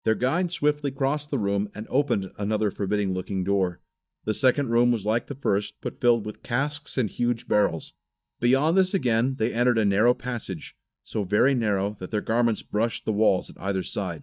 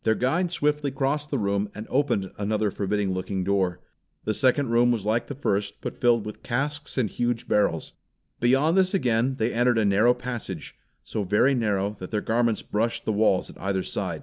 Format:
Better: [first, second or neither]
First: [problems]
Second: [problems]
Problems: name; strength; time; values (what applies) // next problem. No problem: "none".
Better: second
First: noise reduction (neural mask model DeepFilterNet 3)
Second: none